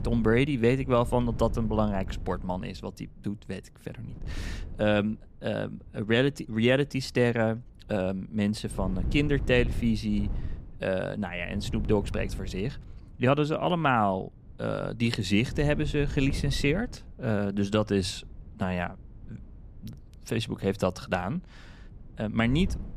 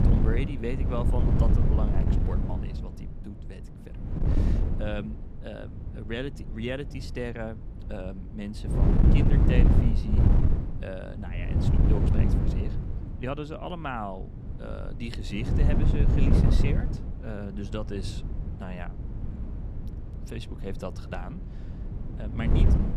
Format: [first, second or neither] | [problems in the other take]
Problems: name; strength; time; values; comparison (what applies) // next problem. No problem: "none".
first | wind noise on the microphone; heavy; 1 dB above the speech; occasional gusts in the first